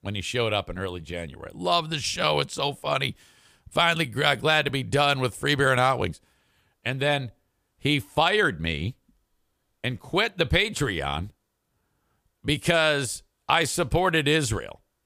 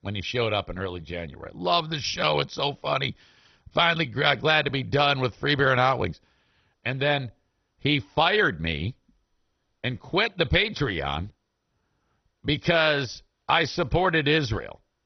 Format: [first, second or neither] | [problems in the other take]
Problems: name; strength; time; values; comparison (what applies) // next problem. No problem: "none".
first | garbled, watery; badly; nothing above 6 kHz